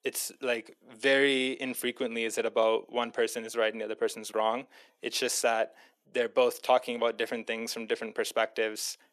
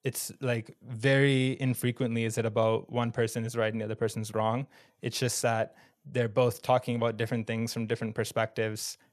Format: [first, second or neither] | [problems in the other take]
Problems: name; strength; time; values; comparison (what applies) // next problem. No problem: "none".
second | thin; somewhat; fading below 300 Hz